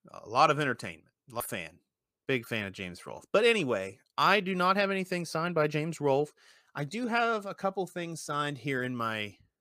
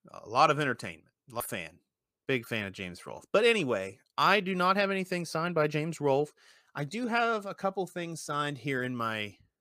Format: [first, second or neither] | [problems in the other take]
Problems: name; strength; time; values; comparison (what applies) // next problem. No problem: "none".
neither | none